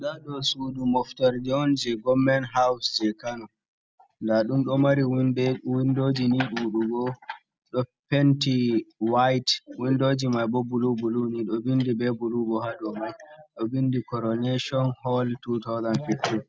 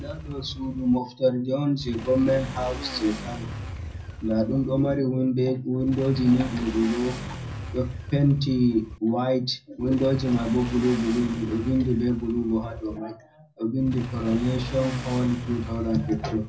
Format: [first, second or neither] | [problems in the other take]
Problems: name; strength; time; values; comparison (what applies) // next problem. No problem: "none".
first | background sound (Motorcycle / Accelerating, revving, vroom); 12 dB below the speech // room echo; dies away in 0.4 s